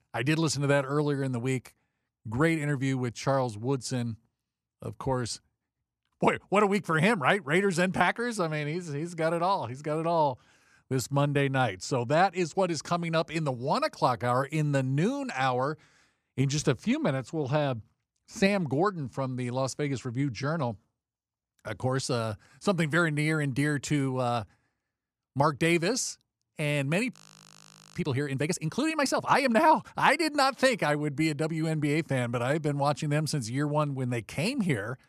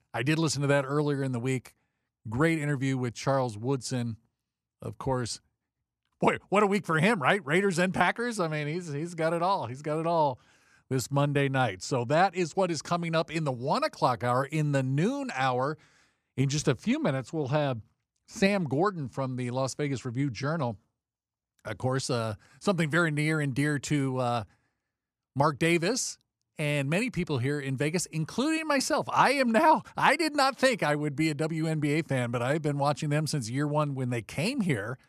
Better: second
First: audio freezing; at 27 s for 1 s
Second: none

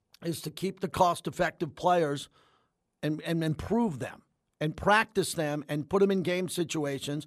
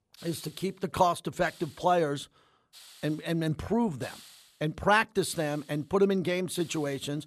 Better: first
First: none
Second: hiss; faint; throughout; 25 dB below the speech

